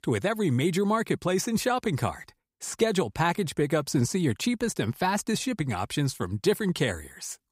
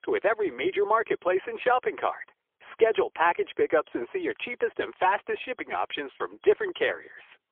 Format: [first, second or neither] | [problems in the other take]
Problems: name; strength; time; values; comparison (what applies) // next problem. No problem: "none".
first | phone-call audio; poor line; nothing above 3.5 kHz